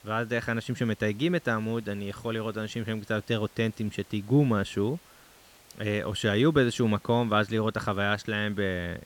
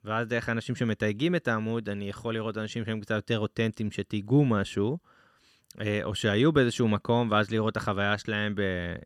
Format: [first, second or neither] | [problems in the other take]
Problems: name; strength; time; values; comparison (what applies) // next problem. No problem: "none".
second | hiss; faint; throughout; 25 dB below the speech